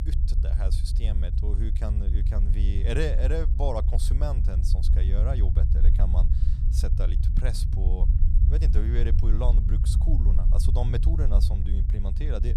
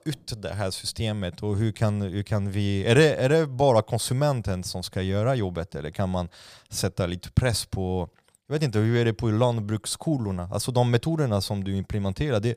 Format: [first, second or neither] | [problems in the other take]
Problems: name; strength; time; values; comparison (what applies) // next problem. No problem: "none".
second | low rumble; loud; throughout; 6 dB below the speech